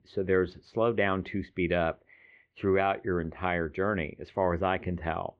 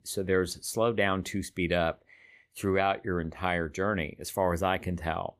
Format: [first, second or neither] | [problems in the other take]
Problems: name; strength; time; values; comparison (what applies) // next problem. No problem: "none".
second | muffled; very; fading above 3 kHz